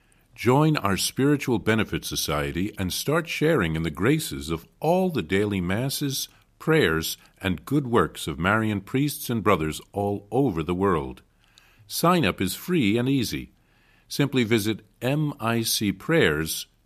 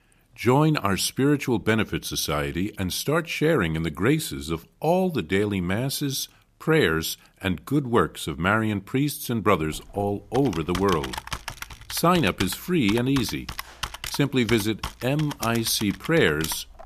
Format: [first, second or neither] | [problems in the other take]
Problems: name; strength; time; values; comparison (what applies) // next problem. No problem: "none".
first | keyboard typing; noticeable; from 9.5 s on; peak 8 dB below the speech